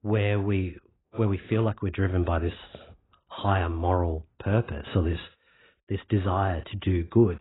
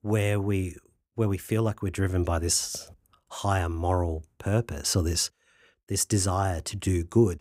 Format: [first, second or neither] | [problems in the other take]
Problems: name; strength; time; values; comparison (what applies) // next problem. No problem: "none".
second | garbled, watery; badly; nothing above 4 kHz